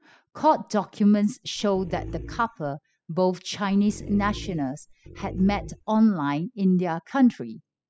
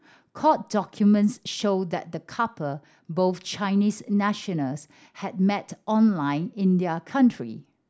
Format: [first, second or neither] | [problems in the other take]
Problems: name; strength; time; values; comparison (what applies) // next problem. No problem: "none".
second | noise reduction (classical method spectral subtraction)